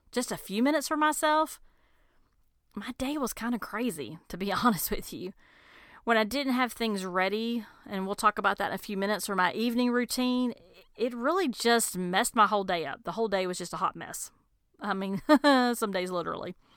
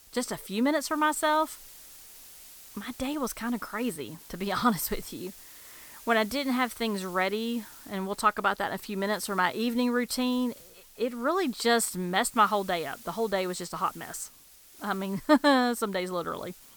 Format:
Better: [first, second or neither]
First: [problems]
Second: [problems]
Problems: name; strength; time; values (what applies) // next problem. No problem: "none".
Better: first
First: none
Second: hiss; noticeable; throughout; 20 dB below the speech